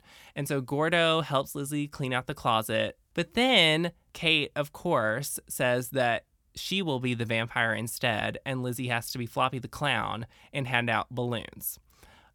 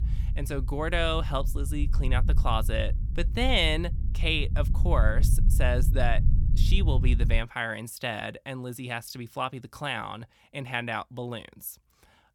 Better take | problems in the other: first | low rumble; noticeable; until 7.5 s; 15 dB below the speech

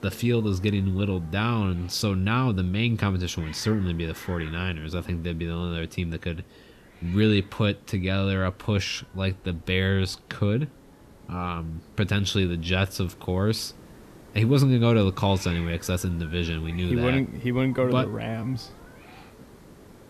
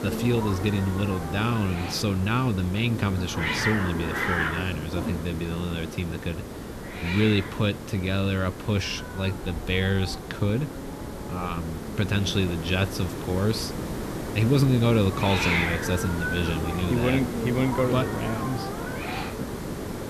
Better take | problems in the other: first | hiss; loud; throughout; 5 dB below the speech; faint in the first

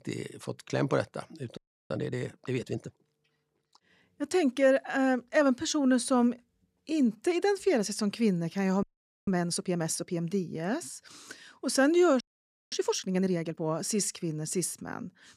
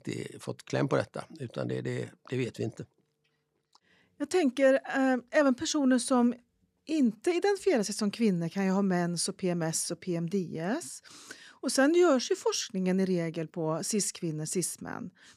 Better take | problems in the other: second | audio freezing; at 1.5 s, at 9 s and at 12 s for 0.5 s

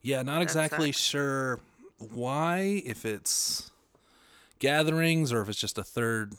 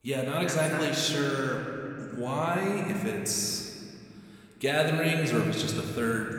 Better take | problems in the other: first | room echo; noticeable; dies away in 2.6 s // off-mic speech; somewhat distant

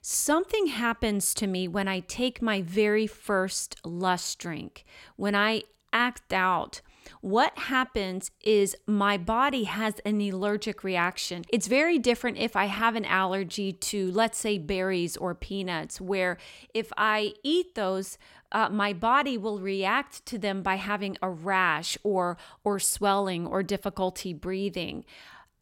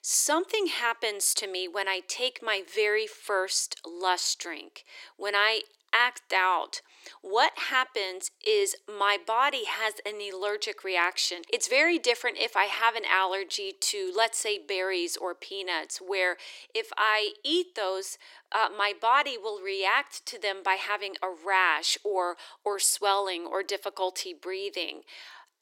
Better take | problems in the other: first | thin; very; fading below 350 Hz

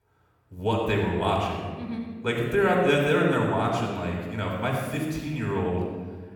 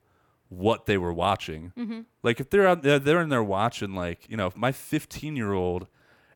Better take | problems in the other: second | off-mic speech; somewhat distant // room echo; noticeable; dies away in 1.3 s

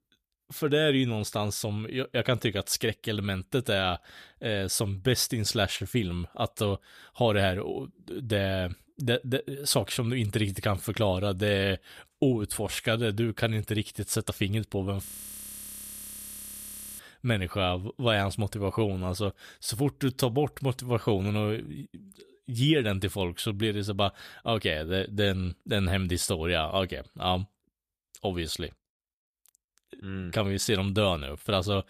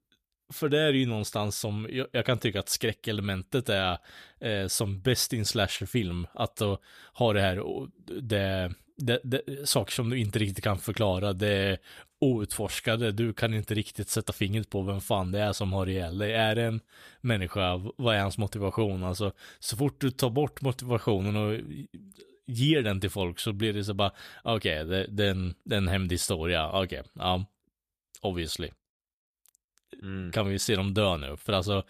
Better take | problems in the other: second | audio freezing; at 15 s for 2 s

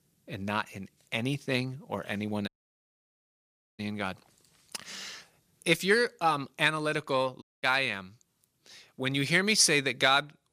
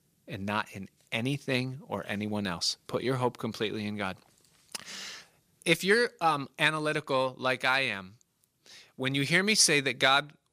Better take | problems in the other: second | audio cutting out; at 2.5 s for 1.5 s and at 7.5 s

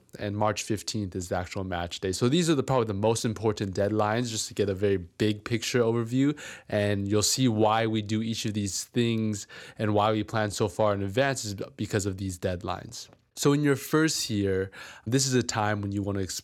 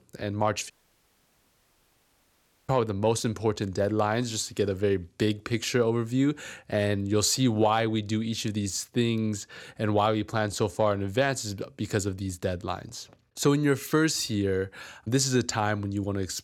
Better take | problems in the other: first | audio cutting out; at 0.5 s for 2 s

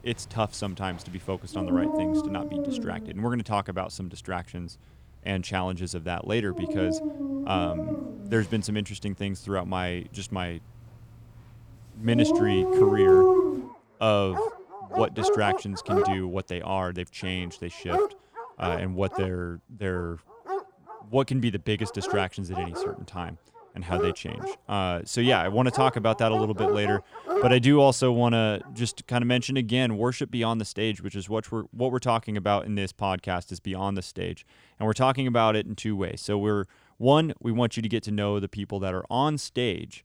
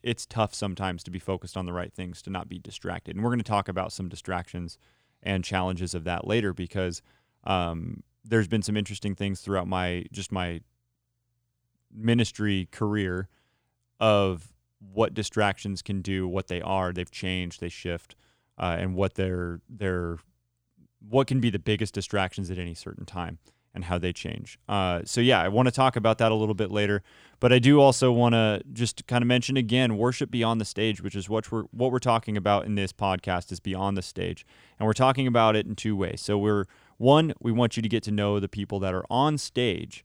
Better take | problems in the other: second | animal sounds; very loud; until 29 s; as loud as the speech

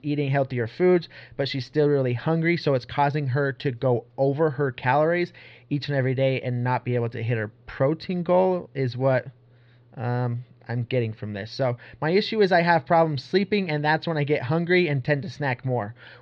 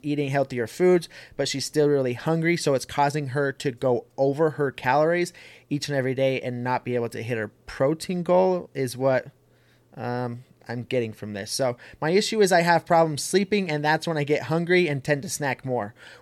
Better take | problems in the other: second | muffled; very slightly; fading above 4 kHz

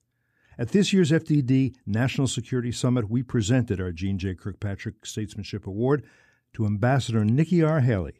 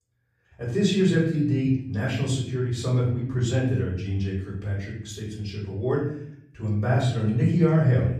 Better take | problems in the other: first | off-mic speech; far // room echo; noticeable; dies away in 0.6 s

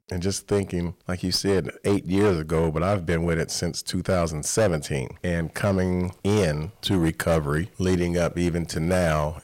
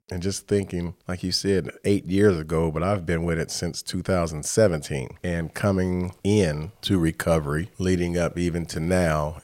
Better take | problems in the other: second | distortion; slight; 9% of the sound clipped

